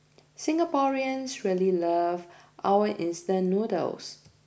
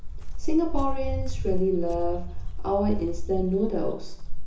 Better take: first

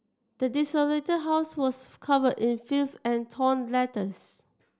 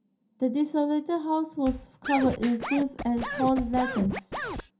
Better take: first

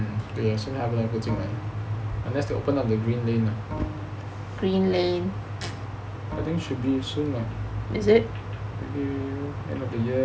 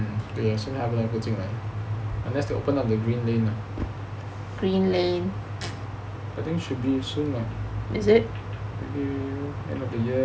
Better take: second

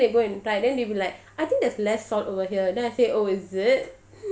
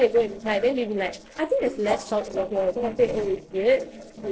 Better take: first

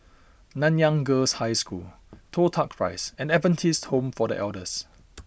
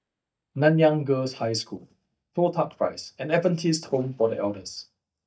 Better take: first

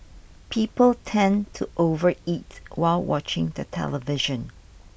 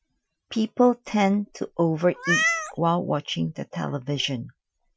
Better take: first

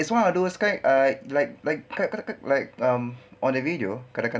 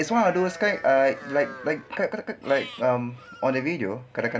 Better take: first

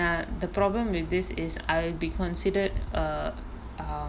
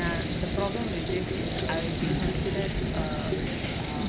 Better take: first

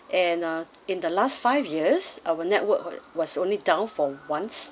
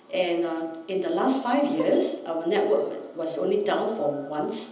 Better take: first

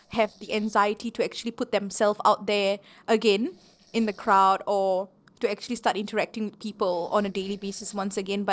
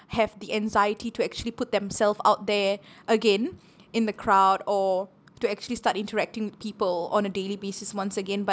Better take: second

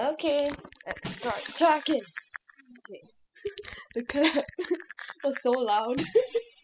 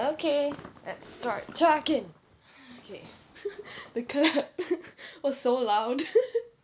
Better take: second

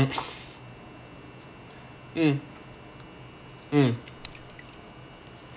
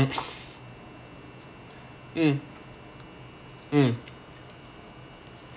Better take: second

